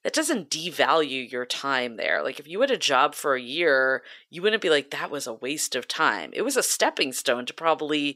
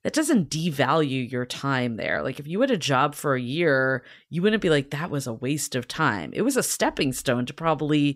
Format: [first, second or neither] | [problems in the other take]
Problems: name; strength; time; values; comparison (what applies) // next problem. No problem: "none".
second | thin; somewhat; fading below 450 Hz